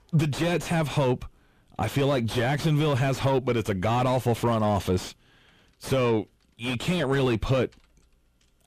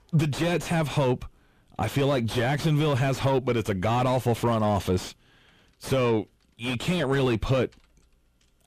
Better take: neither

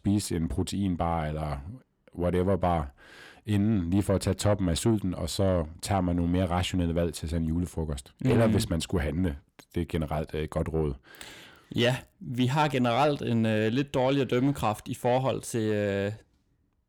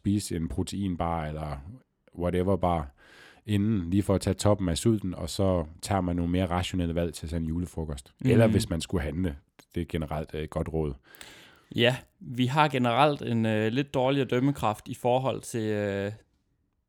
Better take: second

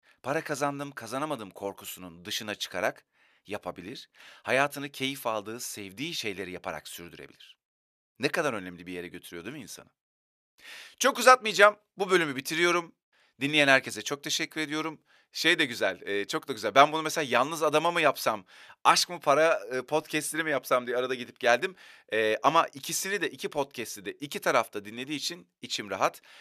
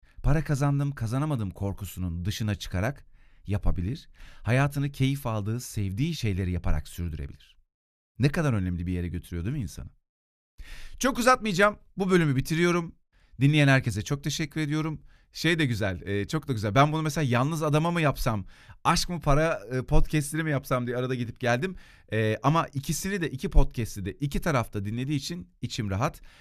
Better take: second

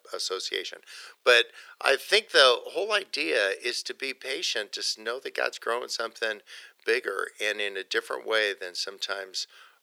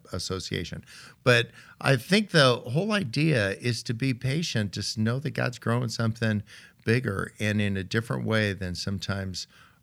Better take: second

